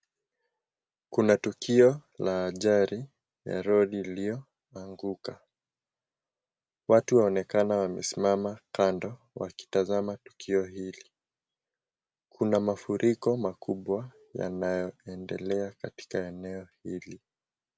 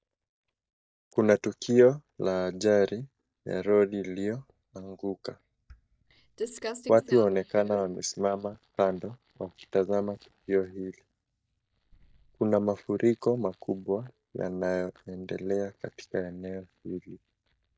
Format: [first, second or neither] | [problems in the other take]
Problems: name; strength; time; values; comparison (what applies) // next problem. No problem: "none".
first | noise reduction (neural mask model DeepFilterNet 3)